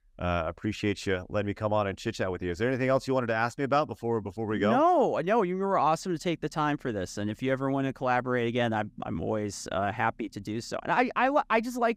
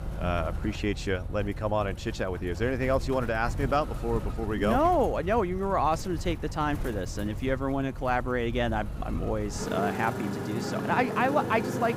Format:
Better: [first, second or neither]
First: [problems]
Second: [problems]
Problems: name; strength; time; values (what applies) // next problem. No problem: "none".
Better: first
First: none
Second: traffic noise; loud; throughout; 7 dB below the speech